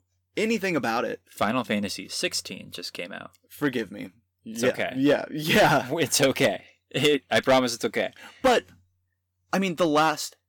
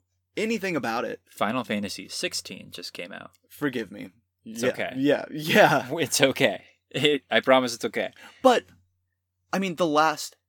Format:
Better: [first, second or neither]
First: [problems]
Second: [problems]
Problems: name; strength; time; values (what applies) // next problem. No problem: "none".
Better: second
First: distortion; slight; 2% of the sound clipped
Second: none